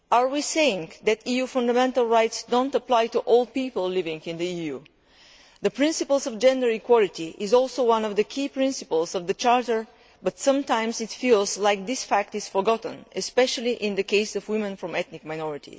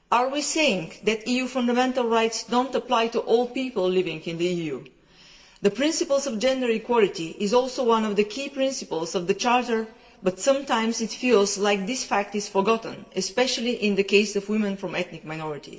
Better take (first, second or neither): first